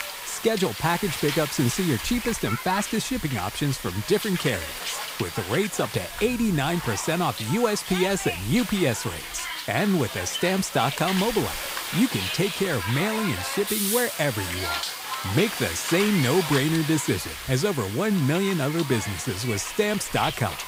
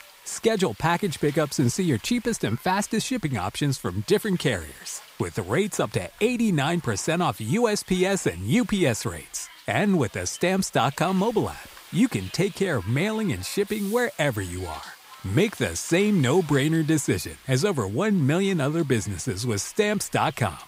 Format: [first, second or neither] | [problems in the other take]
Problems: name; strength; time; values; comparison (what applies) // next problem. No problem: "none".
second | hiss; loud; throughout; 5 dB below the speech; faint in the second